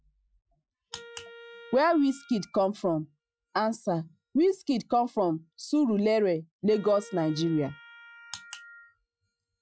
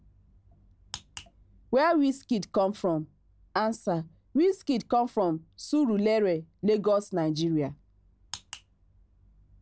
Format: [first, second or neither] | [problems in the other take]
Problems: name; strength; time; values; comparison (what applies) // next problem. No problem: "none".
second | noise reduction (classical method Wiener filter)